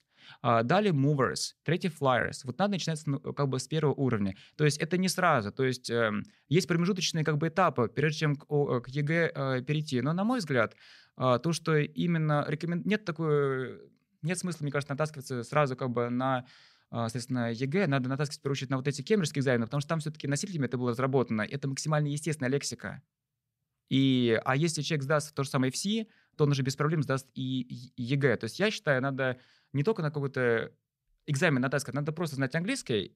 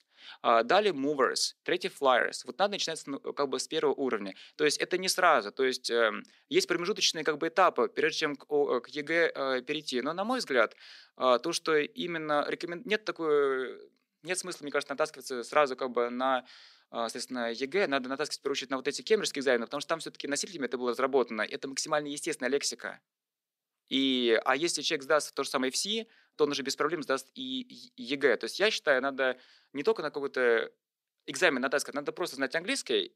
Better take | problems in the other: first | thin; somewhat; fading below 300 Hz

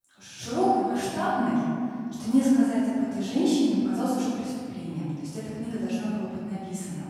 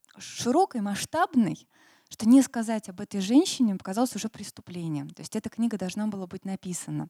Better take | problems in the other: second | off-mic speech; far // room echo; strong; dies away in 2.1 s

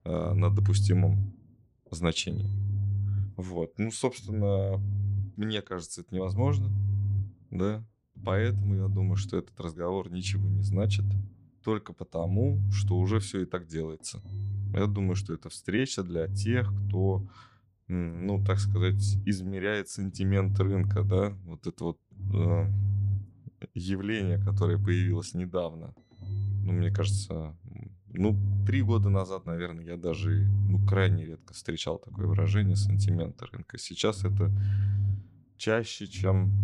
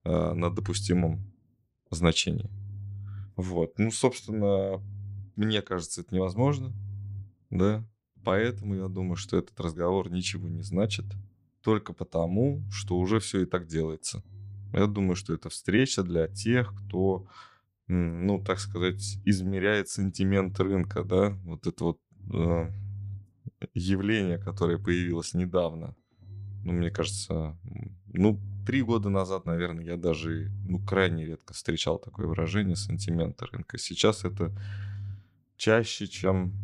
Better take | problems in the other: second | low rumble; loud; throughout; 8 dB below the speech; faint in the second

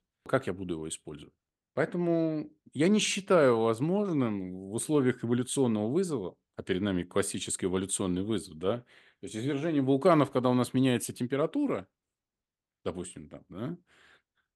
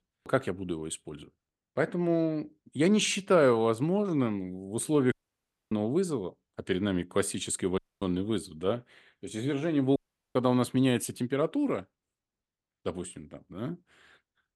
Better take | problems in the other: first | audio cutting out; at 5 s for 0.5 s, at 8 s and at 10 s

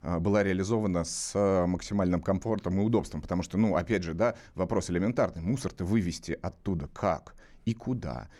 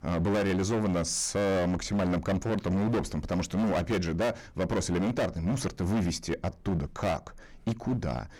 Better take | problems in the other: first | distortion; heavy; 22% of the sound clipped

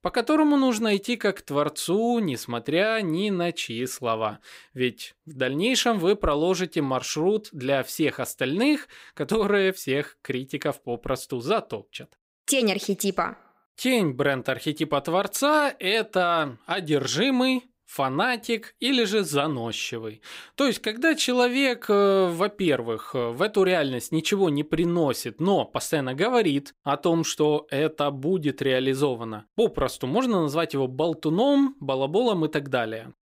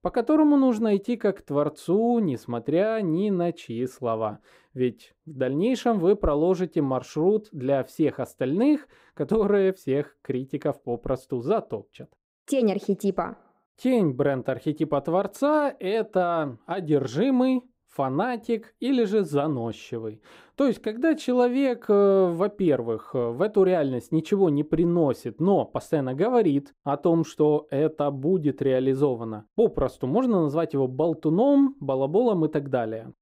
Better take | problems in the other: first | muffled; slightly; fading above 1.5 kHz

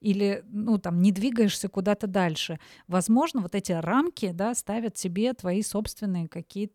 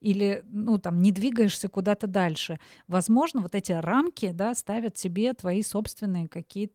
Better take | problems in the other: first | garbled, watery; slightly; nothing above 18.5 kHz

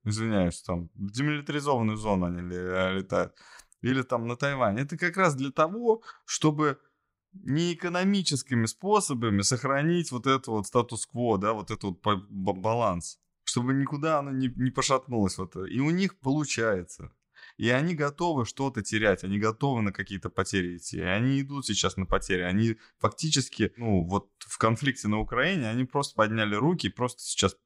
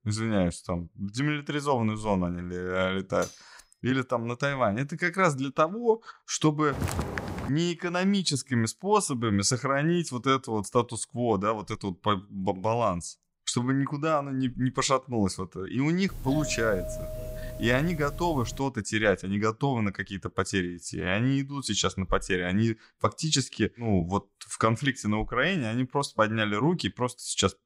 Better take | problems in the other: first | clattering dishes; faint; at 3 s; peak 15 dB below the speech // footsteps; noticeable; at 6.5 s; peak 4 dB below the speech // doorbell; noticeable; from 16 to 19 s; peak 8 dB below the speech

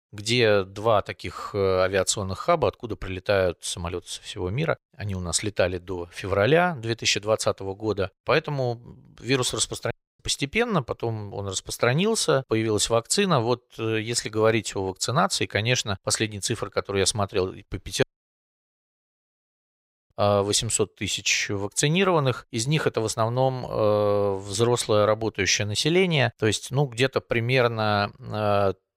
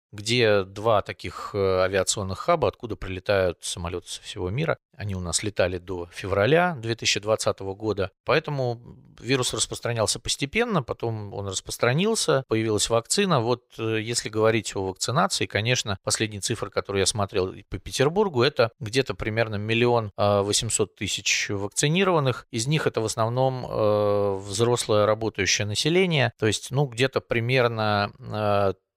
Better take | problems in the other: second | audio cutting out; at 10 s and at 18 s for 2 s

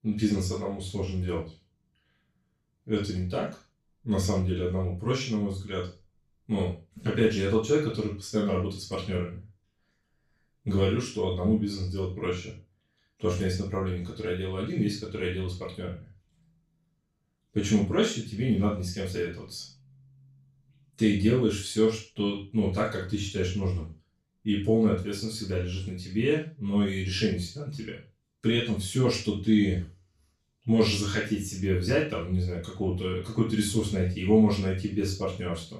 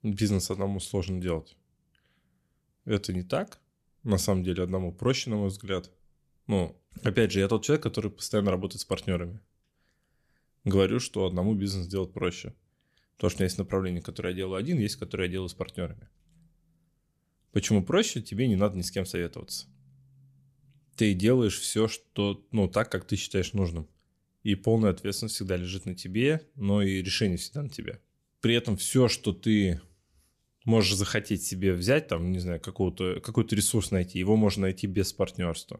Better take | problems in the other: second | room echo; noticeable; dies away in 0.3 s // off-mic speech; far

